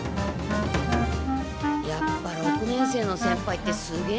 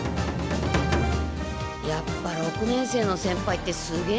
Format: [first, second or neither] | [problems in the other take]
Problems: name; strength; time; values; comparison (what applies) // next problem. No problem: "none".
second | background sound (Wind instrument, woodwind instrument); 2 dB below the speech